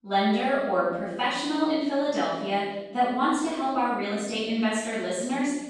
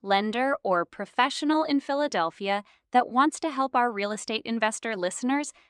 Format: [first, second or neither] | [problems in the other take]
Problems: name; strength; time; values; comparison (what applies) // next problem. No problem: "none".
second | off-mic speech; far // room echo; strong; dies away in 1.4 s